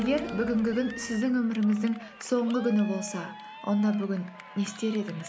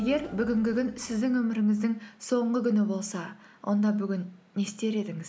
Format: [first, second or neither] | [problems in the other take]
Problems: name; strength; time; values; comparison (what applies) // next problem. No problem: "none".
second | background sound (Cheering + Bass guitar); 14 dB below the speech